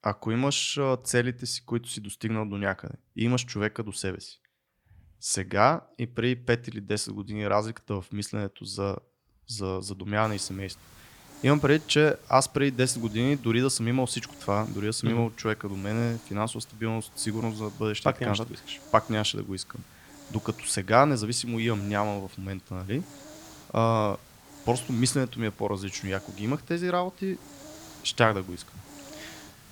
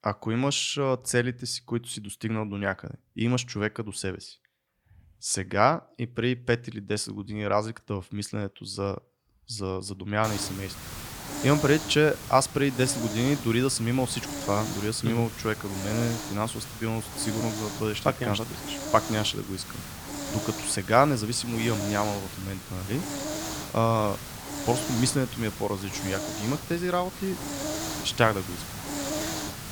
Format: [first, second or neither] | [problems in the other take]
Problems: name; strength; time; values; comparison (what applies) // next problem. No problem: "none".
first | hiss; loud; from 10 s on; 7 dB below the speech; faint in the first